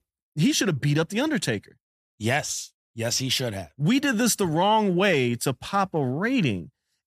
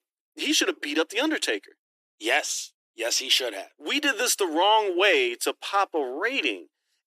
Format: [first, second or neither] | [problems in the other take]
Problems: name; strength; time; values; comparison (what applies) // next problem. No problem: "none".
first | thin; very; fading below 300 Hz